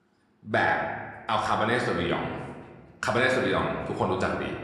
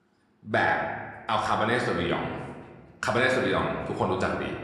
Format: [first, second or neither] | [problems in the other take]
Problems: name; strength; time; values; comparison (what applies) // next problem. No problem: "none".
neither | room echo; noticeable; dies away in 1.3 s; the same in both // off-mic speech; somewhat distant; the same in both